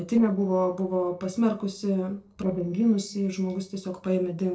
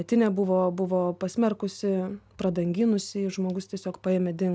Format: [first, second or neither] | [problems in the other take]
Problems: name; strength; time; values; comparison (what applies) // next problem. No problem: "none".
second | noise reduction (neural separator model SepFormer DNS4)